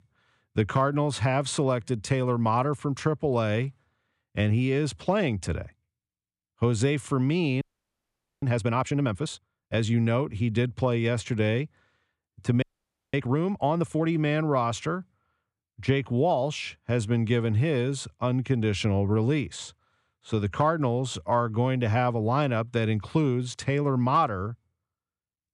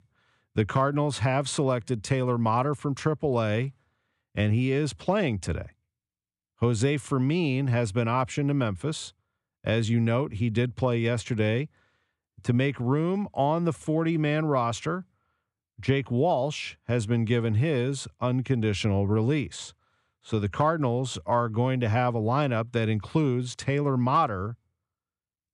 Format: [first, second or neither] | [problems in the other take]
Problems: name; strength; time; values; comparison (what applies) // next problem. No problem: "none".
second | audio freezing; at 7.5 s for 1 s and at 13 s for 0.5 s